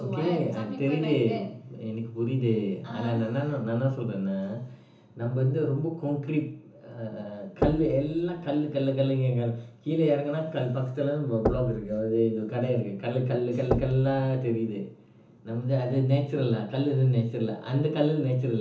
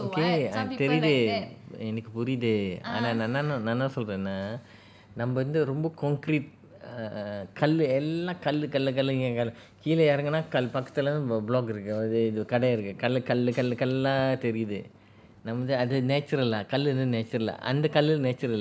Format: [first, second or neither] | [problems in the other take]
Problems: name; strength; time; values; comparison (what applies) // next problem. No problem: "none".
second | background sound (Knock); 8 dB below the speech // room echo; dies away in 0.7 s